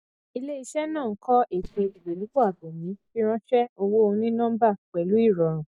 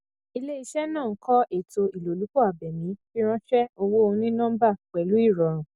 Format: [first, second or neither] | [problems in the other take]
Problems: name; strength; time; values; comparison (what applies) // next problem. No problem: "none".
second | noise reduction (neural mask model DeepFilterNet 3)